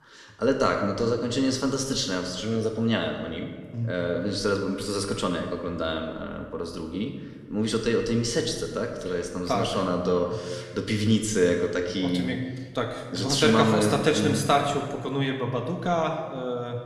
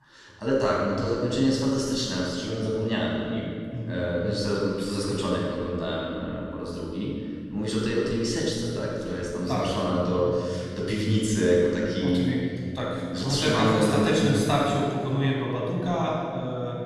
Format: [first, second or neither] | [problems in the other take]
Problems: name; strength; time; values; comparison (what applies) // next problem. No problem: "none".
first | room echo; strong; dies away in 2.4 s; slight in the first // off-mic speech; far